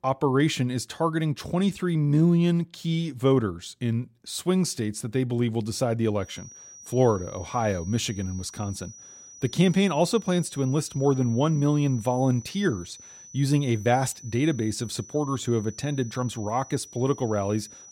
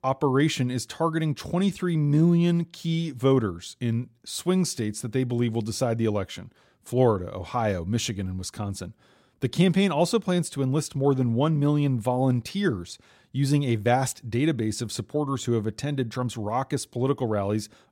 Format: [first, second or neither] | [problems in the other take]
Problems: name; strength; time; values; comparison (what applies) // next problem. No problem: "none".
second | high-pitched whine; noticeable; from 6.5 s on; 6 kHz, 20 dB below the speech